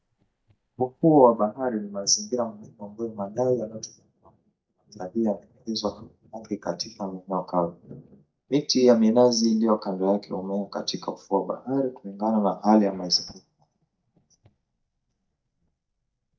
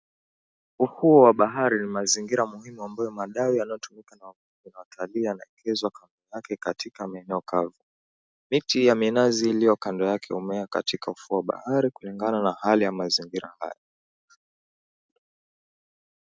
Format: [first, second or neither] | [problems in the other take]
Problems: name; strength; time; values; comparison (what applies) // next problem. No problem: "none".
second | noise reduction (neural mask model DeepFilterNet 3)